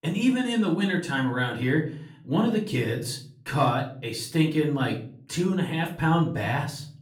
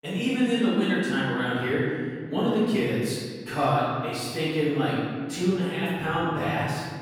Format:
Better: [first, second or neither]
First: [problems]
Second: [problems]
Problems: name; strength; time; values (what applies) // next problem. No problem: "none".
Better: first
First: room echo; slight; dies away in 0.5 s // off-mic speech; far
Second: room echo; strong; dies away in 1.7 s // off-mic speech; far